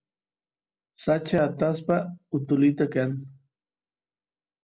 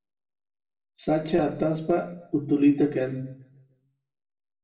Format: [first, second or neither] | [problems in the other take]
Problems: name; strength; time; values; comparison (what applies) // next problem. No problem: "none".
first | room echo; dies away in 0.7 s